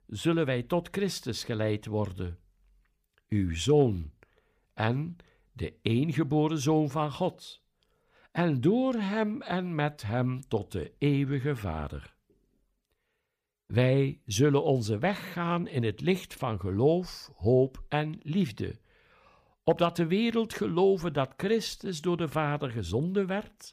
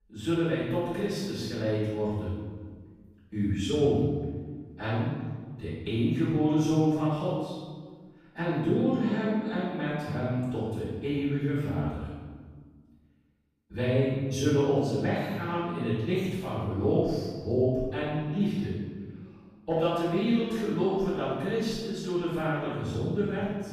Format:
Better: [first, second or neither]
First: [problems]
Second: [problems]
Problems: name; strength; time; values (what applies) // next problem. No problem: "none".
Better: first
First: none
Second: off-mic speech; far // room echo; strong; dies away in 1.4 s